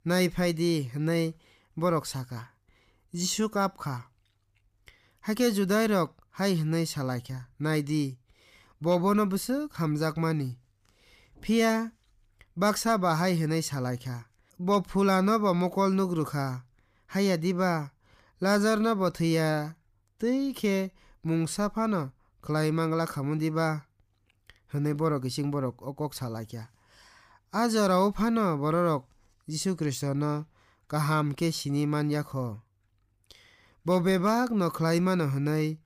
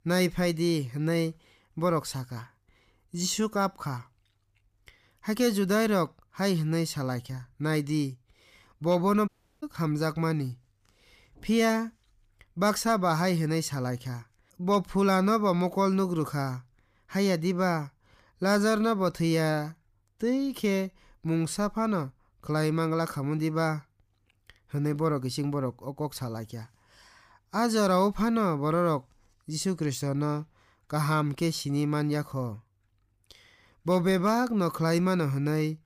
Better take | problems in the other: first | audio cutting out; at 9.5 s

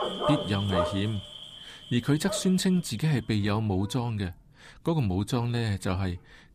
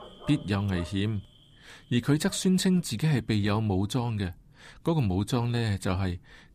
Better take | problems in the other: second | animal sounds; loud; throughout; 6 dB below the speech; faint in the second

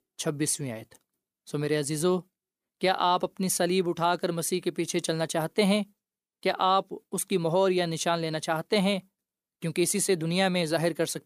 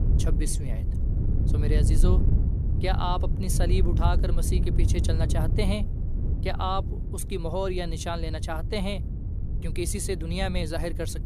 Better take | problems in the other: first | wind noise on the microphone; heavy; 9 dB below the speech

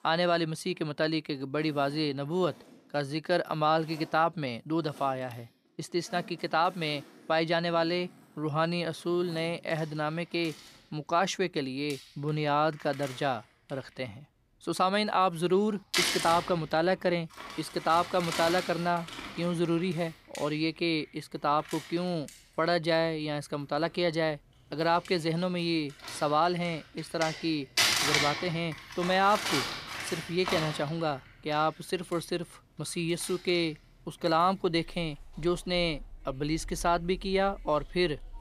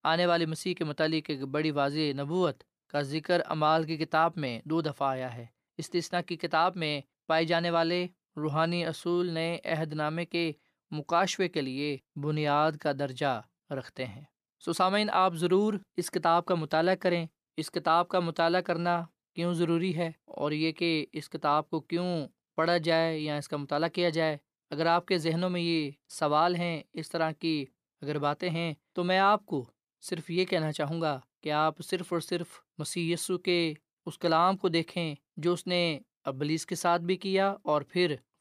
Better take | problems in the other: second | household noises; loud; throughout; 4 dB below the speech

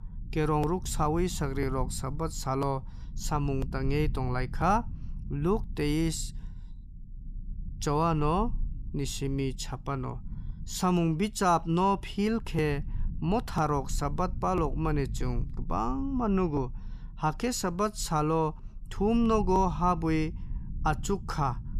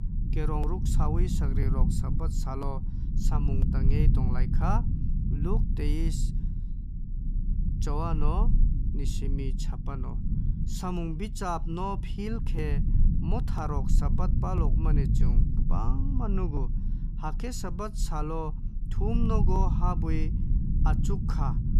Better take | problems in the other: first | low rumble; loud; throughout; 6 dB below the speech; faint in the first

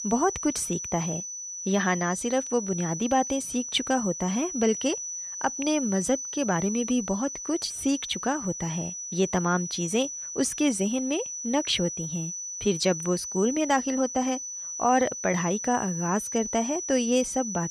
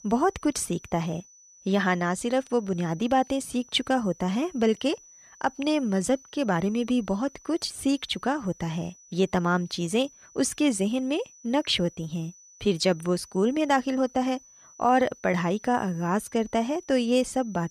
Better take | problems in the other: second | high-pitched whine; loud; throughout; 6 kHz, 5 dB below the speech; faint in the second

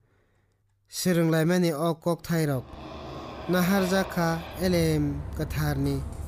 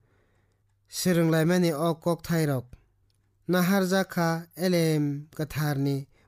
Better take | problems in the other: second | traffic noise; noticeable; from 2.5 s on; 10 dB below the speech

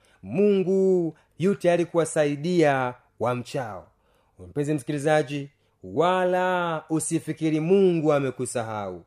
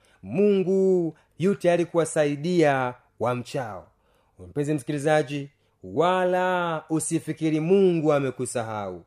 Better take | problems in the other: neither | none

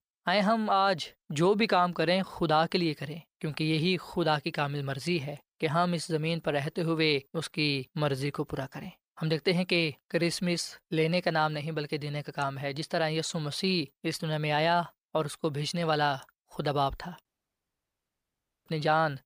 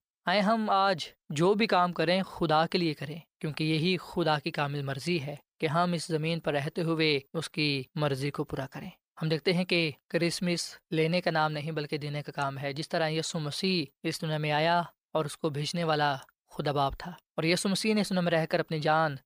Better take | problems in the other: second | audio cutting out; at 17 s for 1.5 s

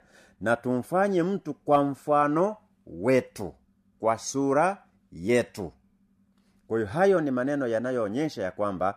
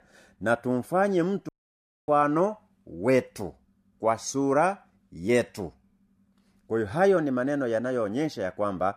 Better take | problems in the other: first | audio cutting out; at 1.5 s for 0.5 s

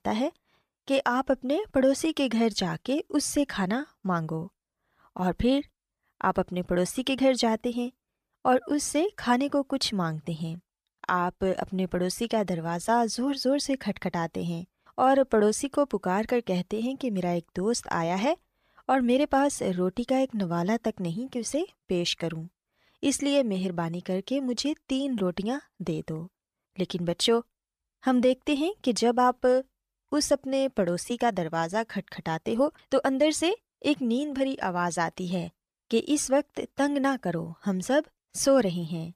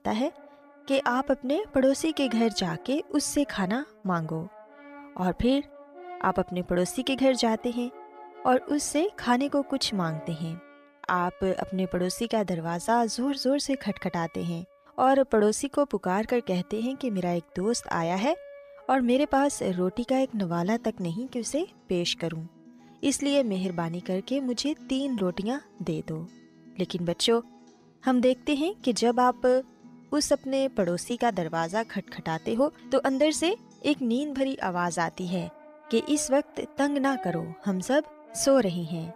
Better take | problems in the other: first | background music; faint; throughout; 20 dB below the speech

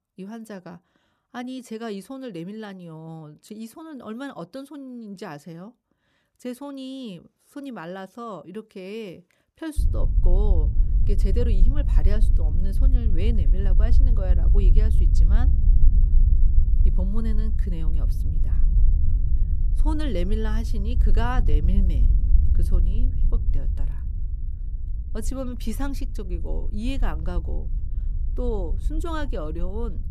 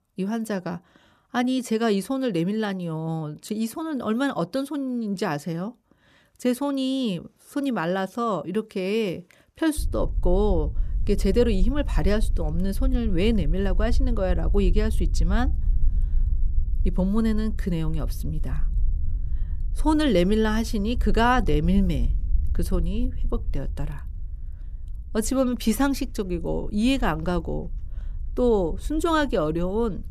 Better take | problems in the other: second | low rumble; loud; from 10 s on; 8 dB below the speech; faint in the second

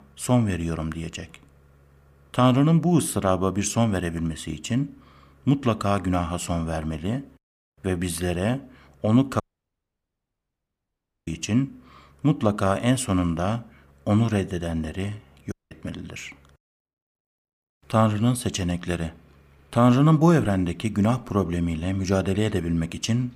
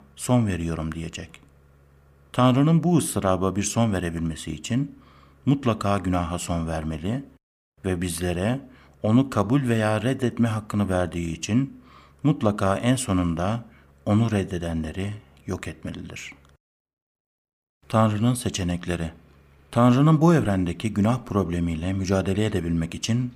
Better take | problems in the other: second | audio cutting out; at 9.5 s for 2 s and at 16 s

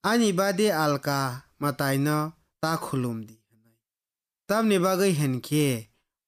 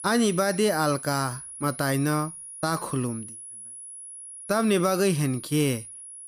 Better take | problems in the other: first | high-pitched whine; noticeable; throughout; 10.5 kHz, 10 dB below the speech

